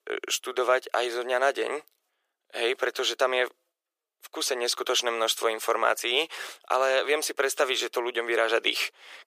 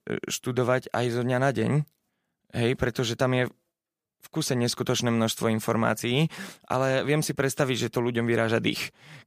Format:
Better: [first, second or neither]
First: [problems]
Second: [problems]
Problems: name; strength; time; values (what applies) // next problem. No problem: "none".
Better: second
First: thin; very; fading below 400 Hz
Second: none